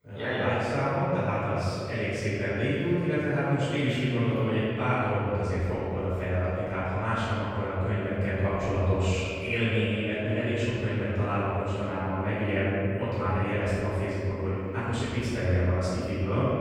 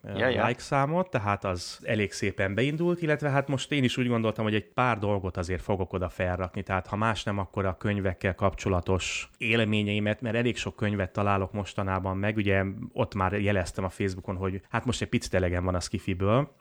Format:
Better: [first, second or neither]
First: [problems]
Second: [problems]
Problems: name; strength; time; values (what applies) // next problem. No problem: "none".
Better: second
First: off-mic speech; far // room echo; strong; dies away in 2.7 s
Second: none